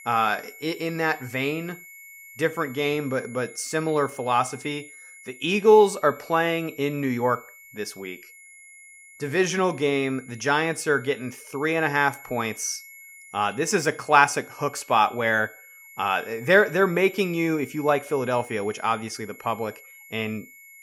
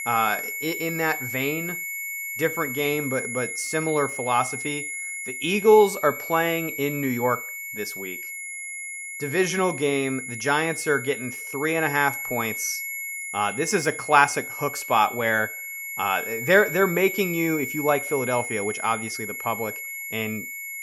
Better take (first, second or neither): first